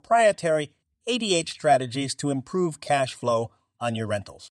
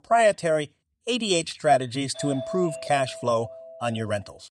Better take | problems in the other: first | doorbell; noticeable; from 2 s on; peak 8 dB below the speech

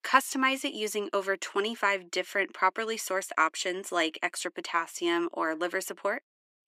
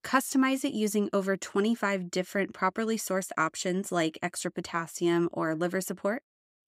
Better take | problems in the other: second | thin; somewhat; fading below 300 Hz

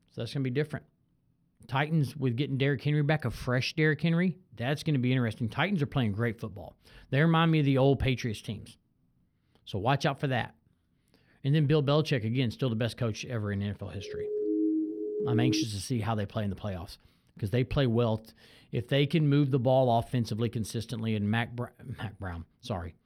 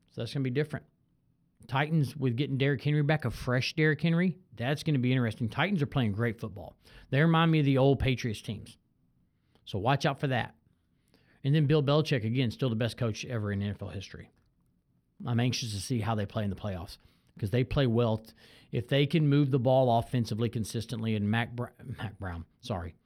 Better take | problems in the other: second | siren; loud; from 14 to 16 s; peak 1 dB above the speech

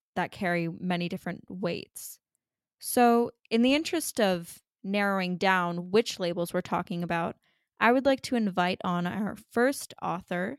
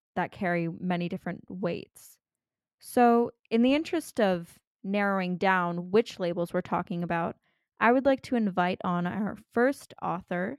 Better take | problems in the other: first | muffled; slightly; fading above 3 kHz

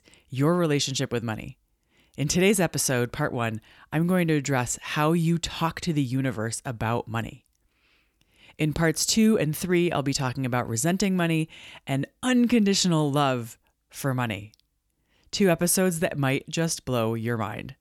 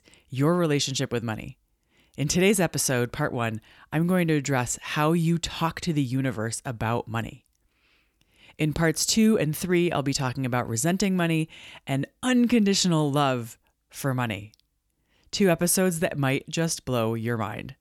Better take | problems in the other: neither | none

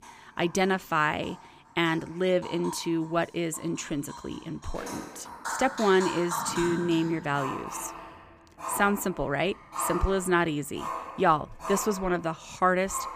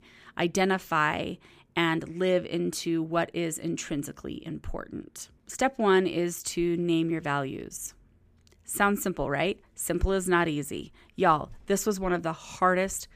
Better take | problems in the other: second | animal sounds; loud; throughout; 9 dB below the speech

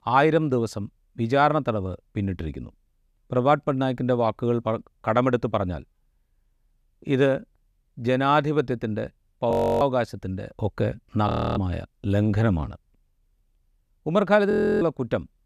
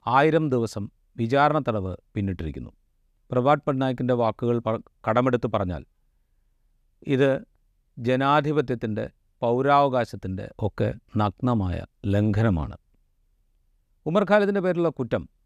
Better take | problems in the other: second | audio freezing; at 9.5 s, at 11 s and at 15 s

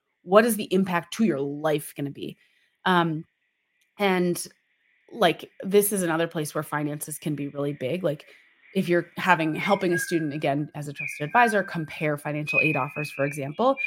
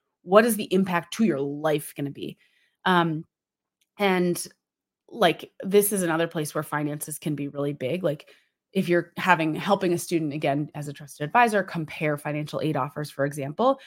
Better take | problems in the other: second | animal sounds; loud; throughout; 5 dB below the speech

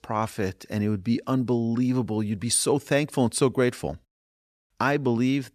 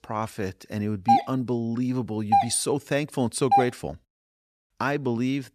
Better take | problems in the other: first | doorbell; loud; from 1 to 3.5 s; peak 5 dB above the speech

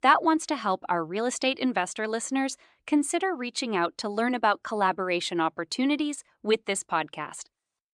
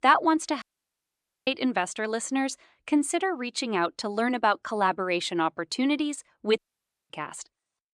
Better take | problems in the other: first | audio cutting out; at 0.5 s for 1 s and at 6.5 s for 0.5 s

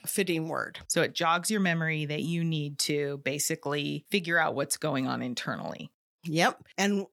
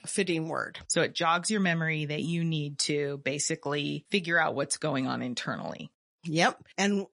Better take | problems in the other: first | garbled, watery; slightly; nothing above 10.5 kHz

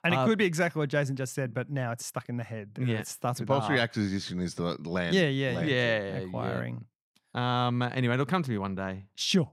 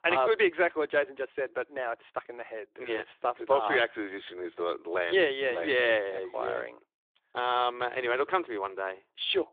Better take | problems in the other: first | phone-call audio

